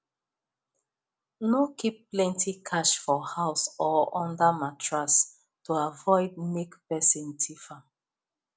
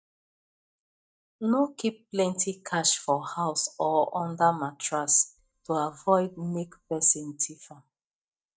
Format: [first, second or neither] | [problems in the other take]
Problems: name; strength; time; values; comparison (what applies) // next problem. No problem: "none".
first | noise reduction (neural mask model DeepFilterNet 3)